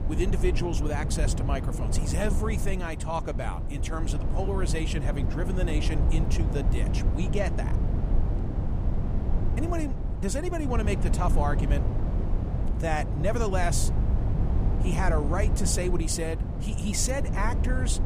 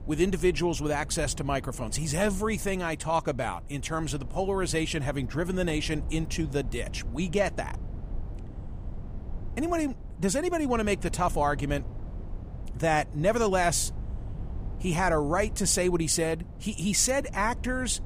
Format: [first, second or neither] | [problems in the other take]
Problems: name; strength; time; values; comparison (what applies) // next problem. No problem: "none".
second | wind noise on the microphone; heavy; 7 dB below the speech; occasional gusts in the second